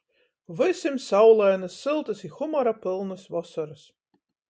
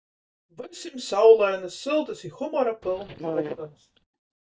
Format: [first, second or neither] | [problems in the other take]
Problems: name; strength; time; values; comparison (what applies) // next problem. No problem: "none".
first | noise reduction (neural mask model DeepFilterNet 3)